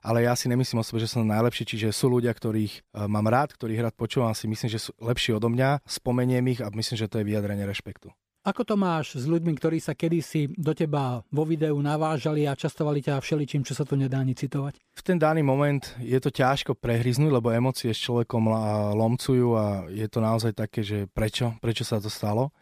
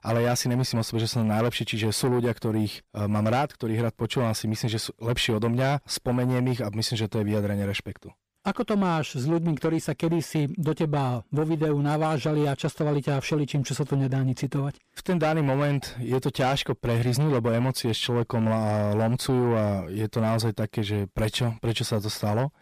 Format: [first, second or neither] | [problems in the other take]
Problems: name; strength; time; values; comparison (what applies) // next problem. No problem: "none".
first | distortion; slight; 10 dB below the speech